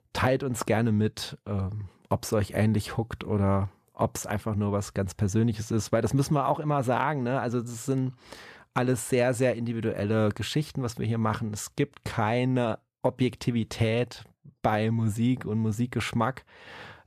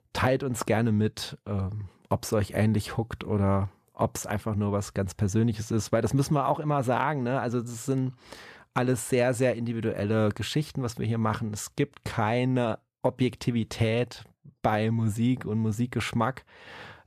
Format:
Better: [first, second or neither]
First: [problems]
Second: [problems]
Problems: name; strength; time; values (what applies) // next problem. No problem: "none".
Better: neither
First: none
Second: none